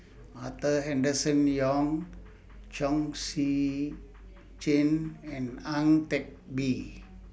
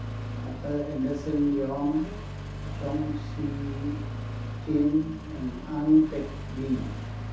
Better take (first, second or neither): first